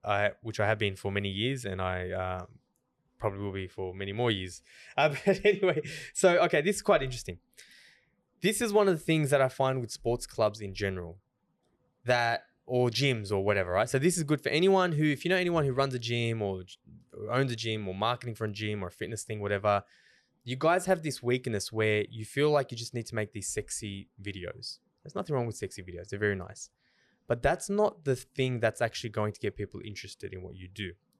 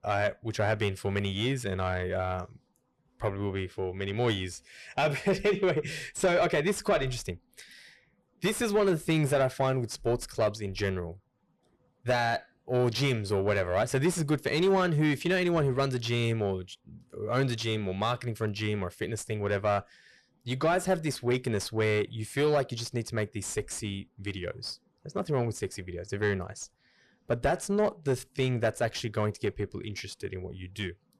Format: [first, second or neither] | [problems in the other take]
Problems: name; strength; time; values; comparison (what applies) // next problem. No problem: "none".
first | distortion; slight; 10 dB below the speech